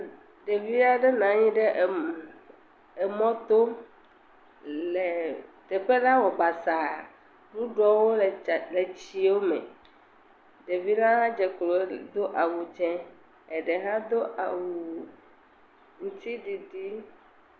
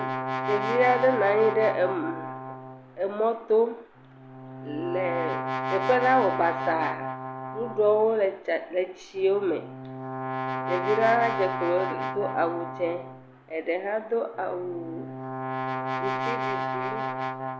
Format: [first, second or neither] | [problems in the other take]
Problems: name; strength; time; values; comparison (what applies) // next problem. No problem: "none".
first | background sound (Brass instrument); 5 dB below the speech